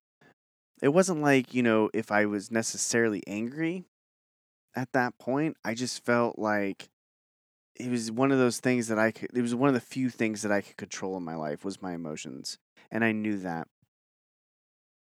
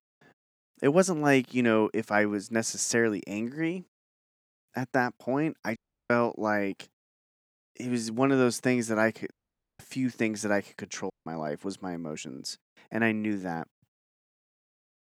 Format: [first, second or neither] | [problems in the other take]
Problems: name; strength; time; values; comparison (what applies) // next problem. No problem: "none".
first | audio cutting out; at 6 s, at 9.5 s and at 11 s